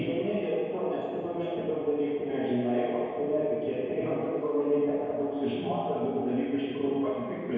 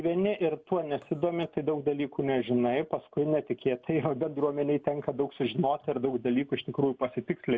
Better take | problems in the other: second | room echo; dies away in 1.9 s

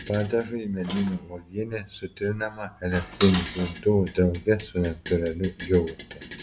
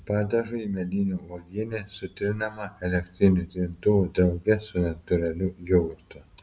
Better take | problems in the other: second | background sound (Dishes, pots, and pans); 14 dB below the speech

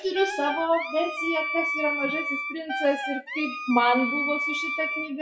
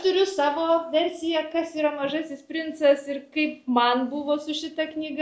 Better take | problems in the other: second | noise reduction (classical method WPE with log-MMSE)

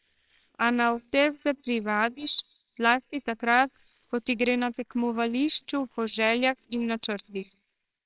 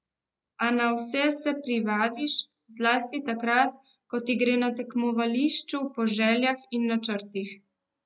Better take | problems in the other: second | noise reduction (neural separator model SepFormer WHAMR!)

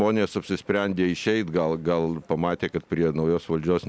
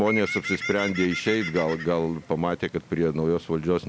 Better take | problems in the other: first | background sound (Bird); 10 dB below the speech

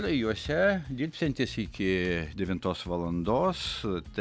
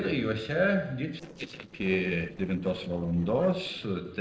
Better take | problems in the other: first | noise reduction (neural separator model SepFormer DNS4)

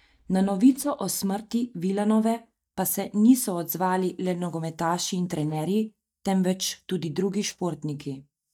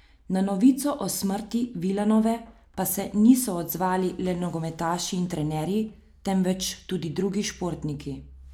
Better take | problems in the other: second | noise reduction (neural mask model DeepFilterNet 3)

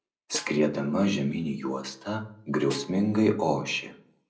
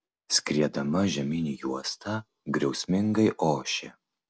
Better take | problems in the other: second | background sound (Snare drum); 17 dB below the speech // room echo; dies away in 0.5 s

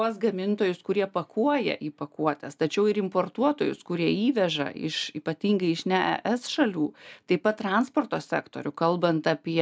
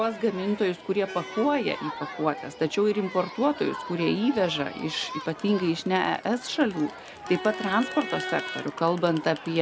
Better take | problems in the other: first | background sound (Crowd); 12 dB below the speech

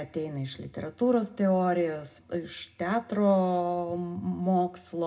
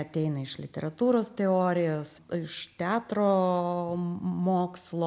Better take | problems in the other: second | room echo; dies away in 0.2 s

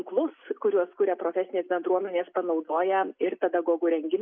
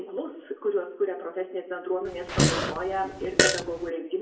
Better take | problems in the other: first | background sound (Fart); 4 dB above the speech // room echo; dies away in 0.7 s

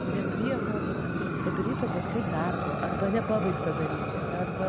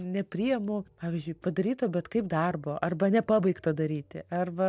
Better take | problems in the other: second | background sound (Fire); 1 dB above the speech

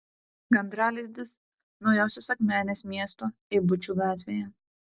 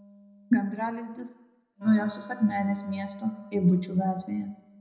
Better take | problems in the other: first | background sound (Wind instrument, woodwind instrument); 19 dB below the speech // room echo; dies away in 0.7 s

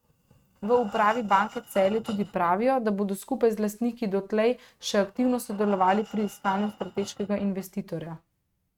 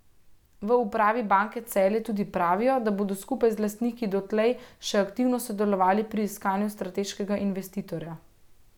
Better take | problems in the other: second | noise reduction (neural mask model RNNoise)

